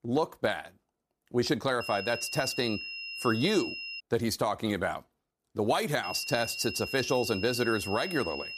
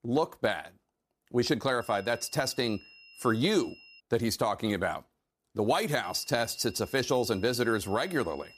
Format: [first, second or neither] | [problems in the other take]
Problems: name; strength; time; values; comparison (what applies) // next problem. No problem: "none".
second | high-pitched whine; loud; from 2 to 4 s and from 6 s on; 3 kHz, 7 dB below the speech; faint in the second